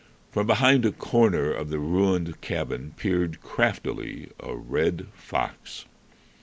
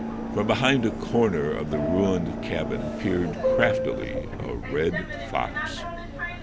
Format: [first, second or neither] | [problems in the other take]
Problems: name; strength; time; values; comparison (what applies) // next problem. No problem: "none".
first | background sound (Subway, metro, underground); 2 dB below the speech